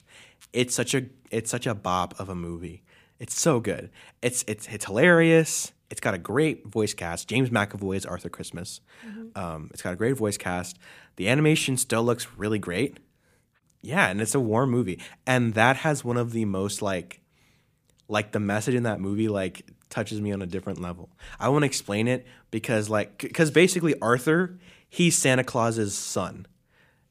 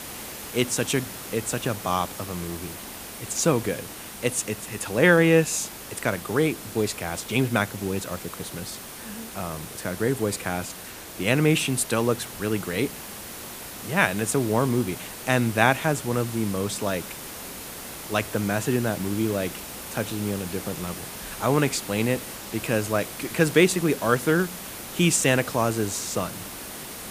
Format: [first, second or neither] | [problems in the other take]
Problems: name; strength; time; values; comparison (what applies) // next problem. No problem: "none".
first | hiss; noticeable; throughout; 10 dB below the speech